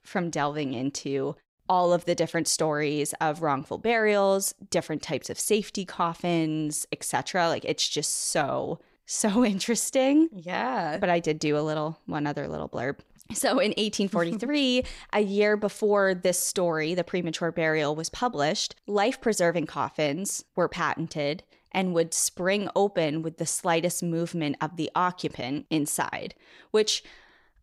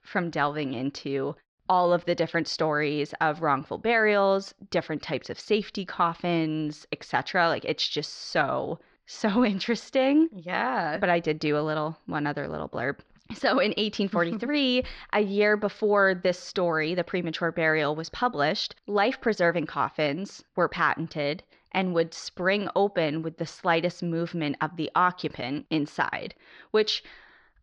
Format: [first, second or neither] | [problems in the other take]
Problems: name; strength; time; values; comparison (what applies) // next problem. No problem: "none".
first | muffled; very slightly; fading above 5 kHz